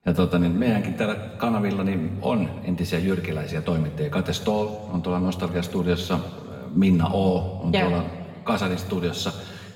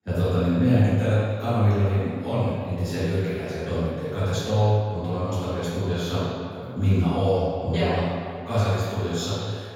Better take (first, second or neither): first